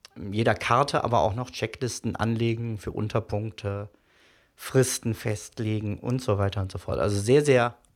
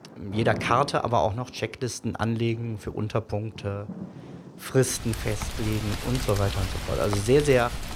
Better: first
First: none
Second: rain or running water; loud; throughout; 9 dB below the speech

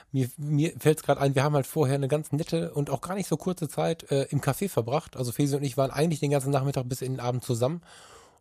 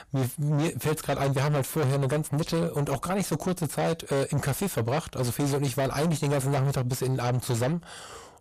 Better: first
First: none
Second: distortion; heavy; 6 dB below the speech

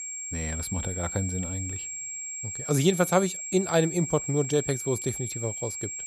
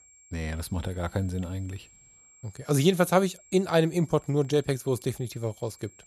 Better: second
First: high-pitched whine; loud; throughout; 7.5 kHz, 5 dB below the speech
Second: high-pitched whine; faint; throughout; 7.5 kHz, 25 dB below the speech

